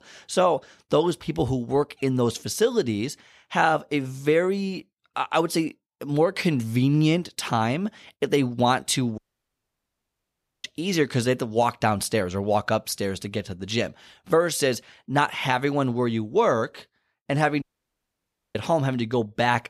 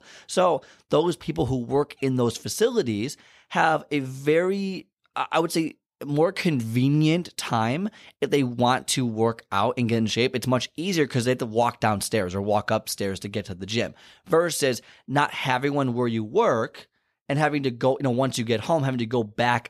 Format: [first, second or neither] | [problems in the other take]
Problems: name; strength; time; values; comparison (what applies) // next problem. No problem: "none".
second | audio cutting out; at 9 s for 1.5 s and at 18 s for 1 s